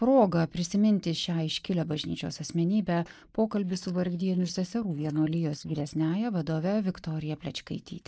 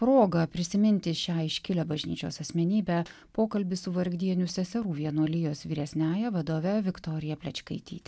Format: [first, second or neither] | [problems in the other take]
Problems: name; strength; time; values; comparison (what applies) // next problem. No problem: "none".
second | noise reduction (neural mask model Resemble Enhance denoiser)